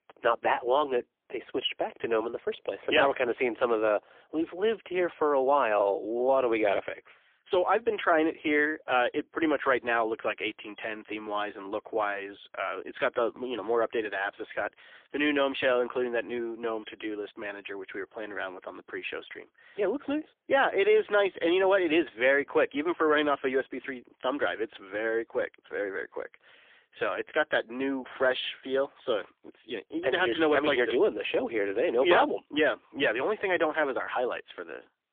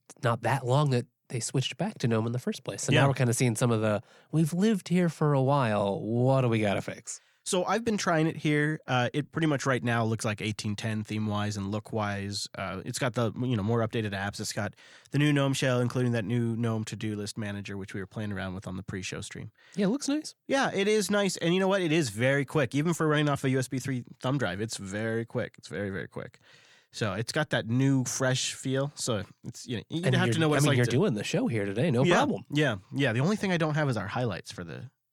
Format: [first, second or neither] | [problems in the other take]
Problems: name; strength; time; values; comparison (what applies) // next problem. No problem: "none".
second | phone-call audio; poor line; nothing above 3.5 kHz